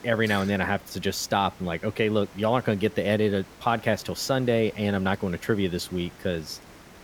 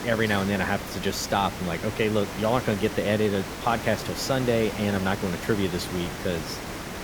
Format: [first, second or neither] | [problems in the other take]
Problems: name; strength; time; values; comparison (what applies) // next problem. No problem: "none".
first | hiss; loud; throughout; 8 dB below the speech; faint in the first